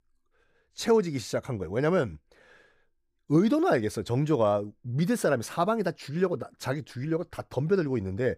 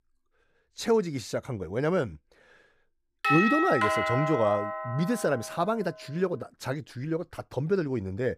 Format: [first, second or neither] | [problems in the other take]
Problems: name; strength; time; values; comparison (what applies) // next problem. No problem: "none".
first | doorbell; loud; from 3 to 5.5 s; peak 5 dB above the speech